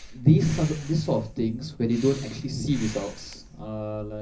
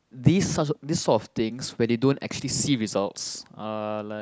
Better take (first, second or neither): second